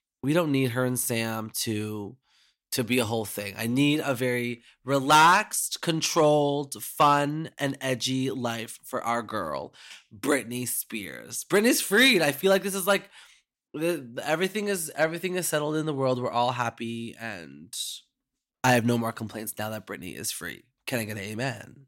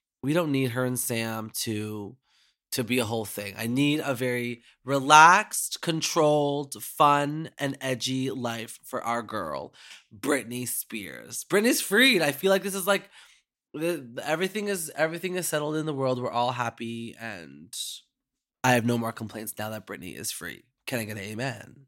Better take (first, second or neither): second